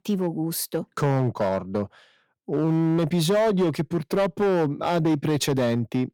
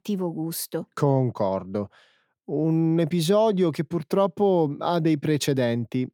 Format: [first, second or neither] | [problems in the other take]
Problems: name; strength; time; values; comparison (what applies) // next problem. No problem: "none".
second | distortion; slight; 11% of the sound clipped